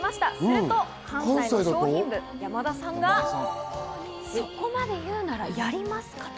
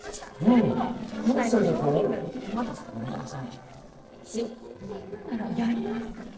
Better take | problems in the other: first | noise reduction (neural separator model SepFormer DNS4)

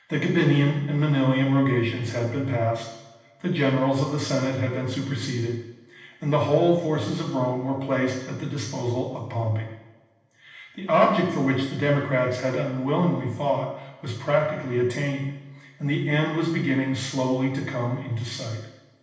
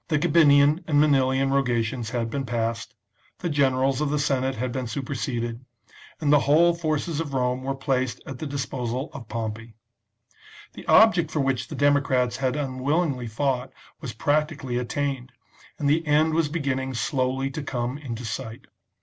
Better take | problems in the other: second | room echo; dies away in 0.9 s

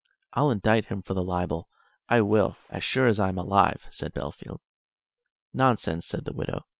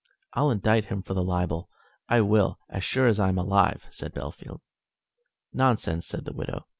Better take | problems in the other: second | noise reduction (neural separator model SepFormer WHAM!)

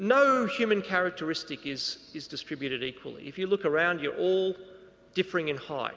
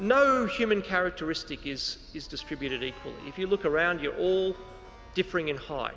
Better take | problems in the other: first | background sound (Keyboard (musical)); 20 dB below the speech

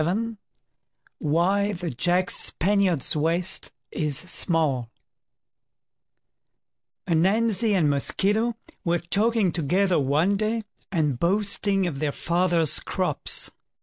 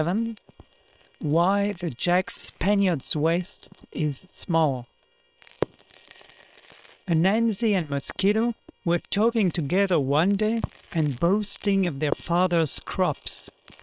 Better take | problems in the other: first | noise reduction (neural separator model SepFormer WHAM!)

